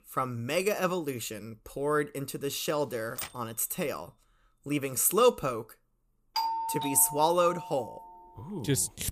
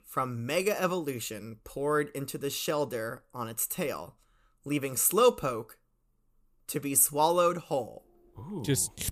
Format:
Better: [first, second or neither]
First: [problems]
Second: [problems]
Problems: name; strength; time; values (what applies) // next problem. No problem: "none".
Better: second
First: keyboard typing; noticeable; at 3 s; peak 10 dB below the speech // doorbell; noticeable; from 6.5 to 8 s; peak 2 dB below the speech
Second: none